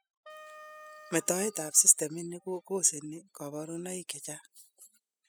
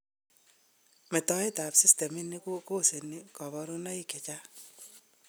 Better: second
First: noise reduction (classical method spectral subtraction)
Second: none

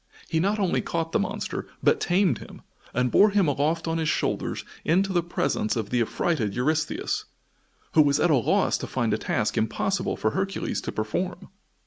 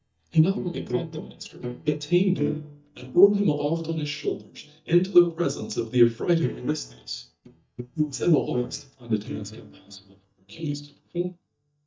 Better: first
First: none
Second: noise reduction (neural mask model DeepFilterNet 3)

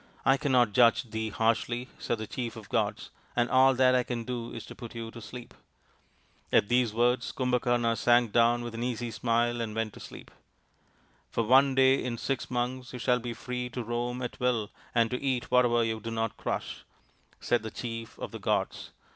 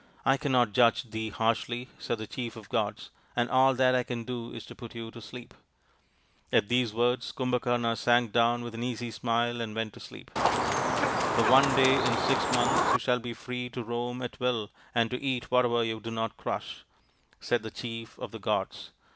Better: first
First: none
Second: background sound (Chicken, rooster); 3 dB above the speech

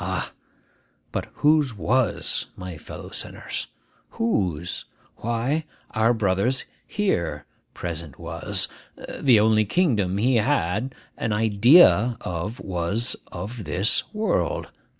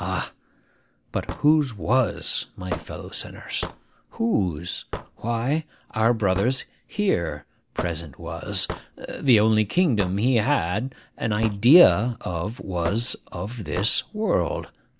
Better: first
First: none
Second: background sound (Hammer / Wood); 15 dB below the speech

